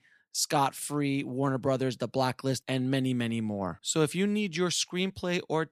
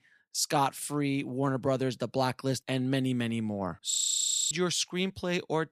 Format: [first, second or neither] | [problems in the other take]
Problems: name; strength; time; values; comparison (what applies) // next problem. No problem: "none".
first | audio freezing; at 4 s for 0.5 s